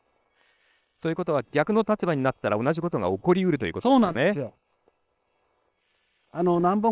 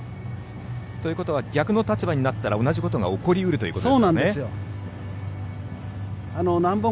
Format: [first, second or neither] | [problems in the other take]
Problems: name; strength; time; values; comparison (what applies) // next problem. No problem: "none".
second | noise reduction (neural separator model SepFormer WHAM!)